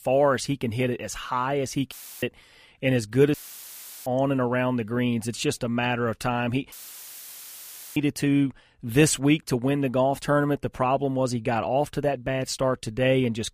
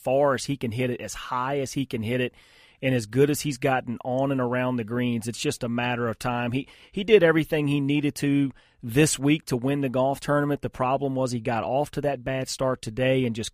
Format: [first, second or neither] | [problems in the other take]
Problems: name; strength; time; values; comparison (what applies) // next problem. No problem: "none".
second | audio cutting out; filled with static; at 2 s, at 3.5 s for 0.5 s and at 6.5 s for 1 s